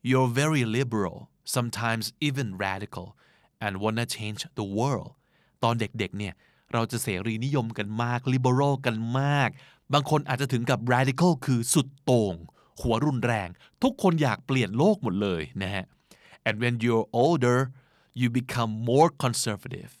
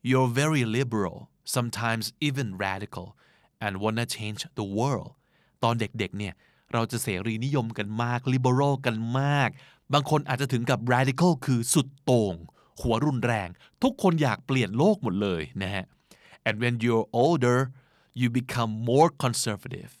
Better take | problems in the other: neither | none

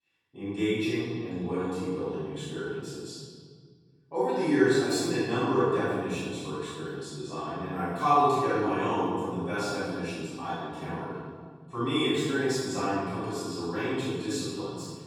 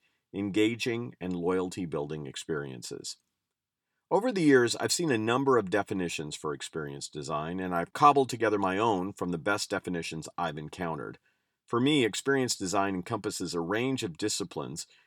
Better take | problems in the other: second | room echo; strong; dies away in 1.8 s // off-mic speech; far

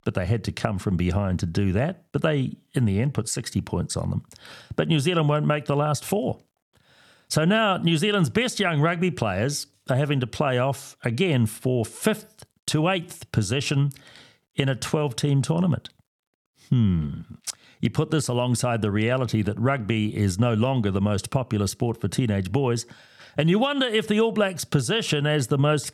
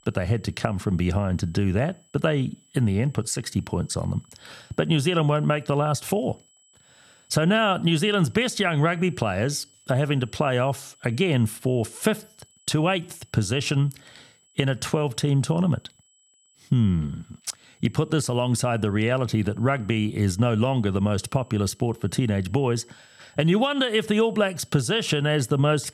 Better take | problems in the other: first | high-pitched whine; faint; throughout; 8 kHz, 30 dB below the speech

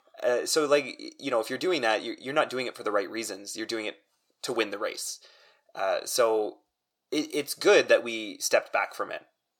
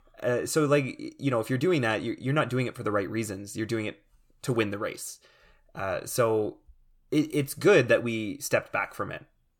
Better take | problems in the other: second | thin; somewhat; fading below 450 Hz

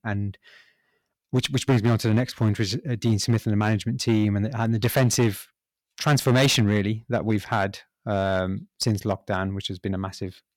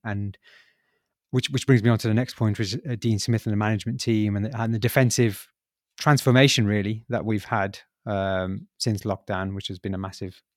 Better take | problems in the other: second | distortion; slight; 6% of the sound clipped

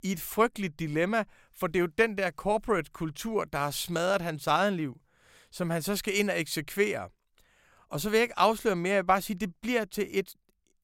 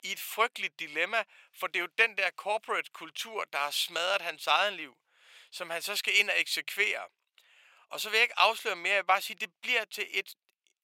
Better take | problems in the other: first | thin; very; fading below 750 Hz

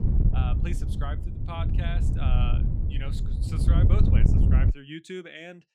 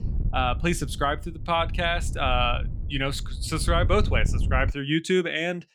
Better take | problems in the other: second | wind noise on the microphone; heavy; until 4.5 s; as loud as the speech; occasional gusts in the second

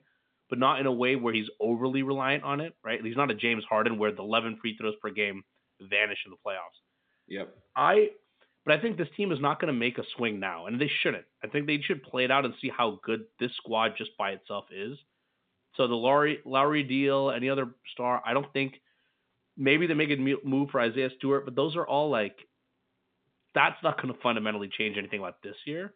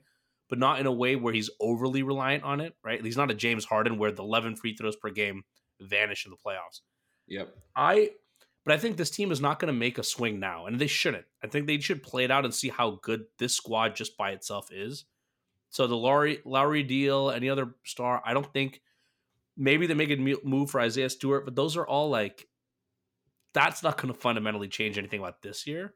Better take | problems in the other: second | phone-call audio; nothing above 3.5 kHz

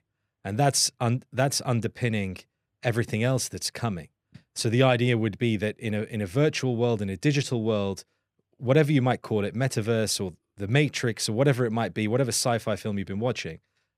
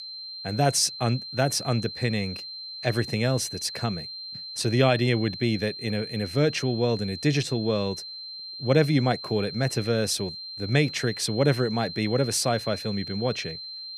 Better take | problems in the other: first | high-pitched whine; loud; throughout; 4 kHz, 9 dB below the speech

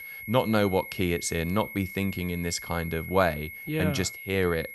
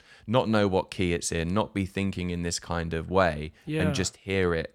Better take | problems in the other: second | high-pitched whine; noticeable; throughout; 2 kHz, 10 dB below the speech

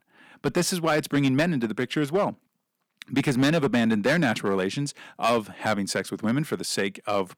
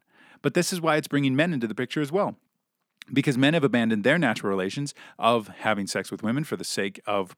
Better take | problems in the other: second | distortion; slight; 5% of the sound clipped

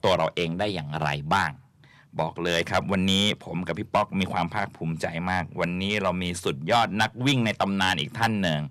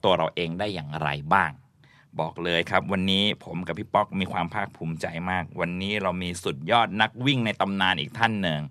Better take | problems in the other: second | distortion; slight; 2% of the sound clipped

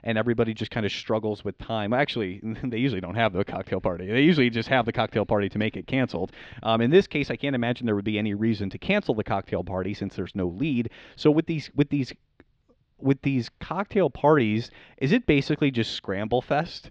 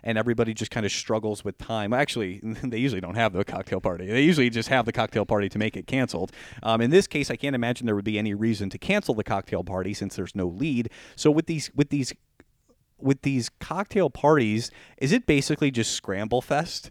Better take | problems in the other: second | muffled; very slightly; fading above 4 kHz

